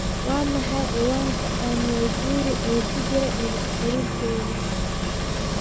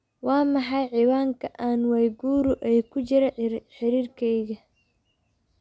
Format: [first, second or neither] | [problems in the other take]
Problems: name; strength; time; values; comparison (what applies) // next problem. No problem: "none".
second | background sound (Engine); 2 dB above the speech